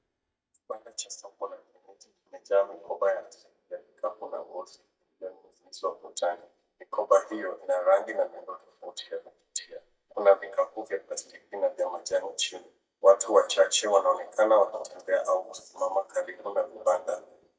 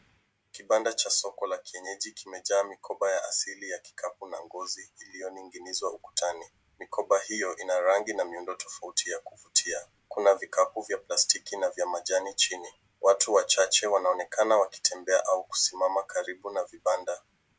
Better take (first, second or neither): second